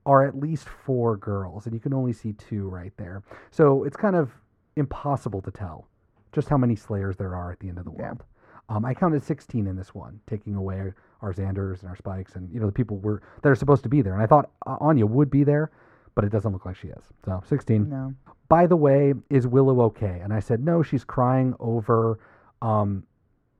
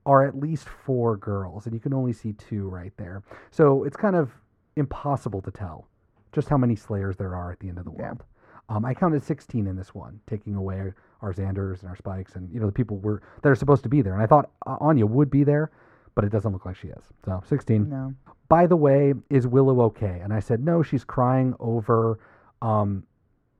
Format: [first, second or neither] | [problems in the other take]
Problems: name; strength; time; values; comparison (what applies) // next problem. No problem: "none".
neither | muffled; very; fading above 1.5 kHz; the same in both